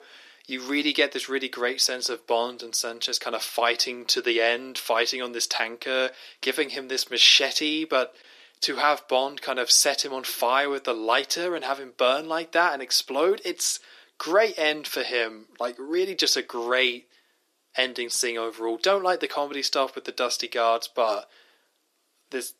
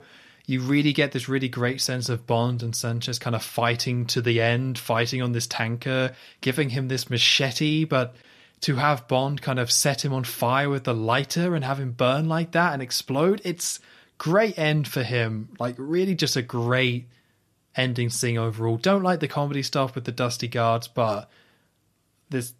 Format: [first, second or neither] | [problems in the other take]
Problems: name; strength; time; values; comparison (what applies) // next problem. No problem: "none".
second | thin; very; fading below 300 Hz